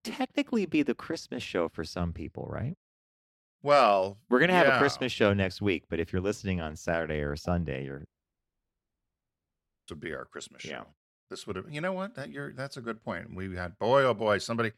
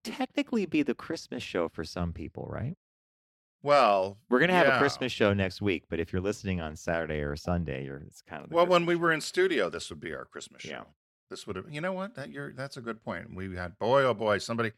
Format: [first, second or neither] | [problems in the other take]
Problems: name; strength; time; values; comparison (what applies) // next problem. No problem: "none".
second | audio cutting out; at 8 s for 2 s